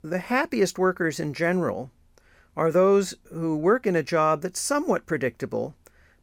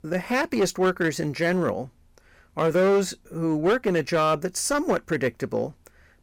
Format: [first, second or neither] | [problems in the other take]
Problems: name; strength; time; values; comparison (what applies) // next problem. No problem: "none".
first | distortion; slight; 8% of the sound clipped